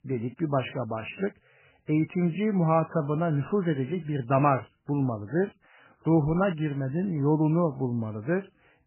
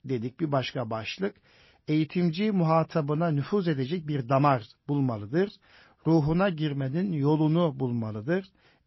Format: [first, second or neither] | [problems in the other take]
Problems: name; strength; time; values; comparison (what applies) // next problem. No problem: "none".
second | garbled, watery; badly; nothing above 3 kHz; slightly in the second